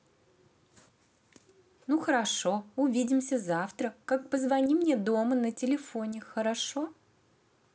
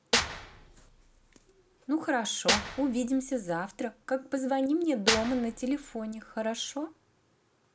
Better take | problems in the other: first | background sound (Clapping / Drum kit); 4 dB below the speech

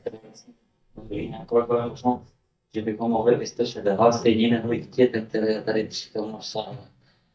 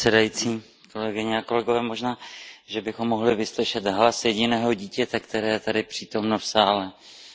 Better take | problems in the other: second | noise reduction (neural mask model DeepFilterNet 3)

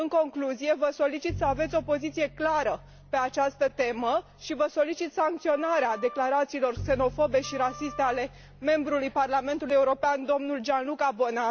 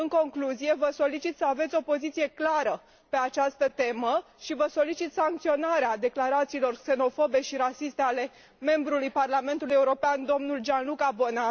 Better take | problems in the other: second | background sound (Bowed string instrument + Wind instrument, woodwind instrument); 16 dB below the speech

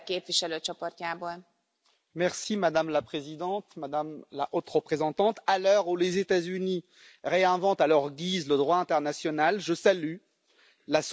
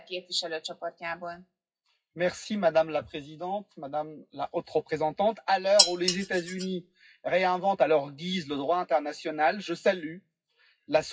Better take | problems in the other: first | noise reduction (classical method WPE with log-MMSE)

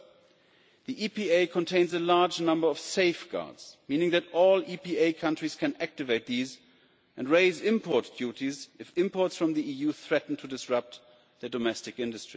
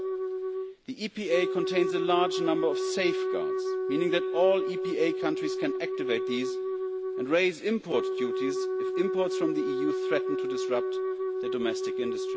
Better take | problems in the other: first | background sound (Wind instrument, woodwind instrument); as loud as the speech

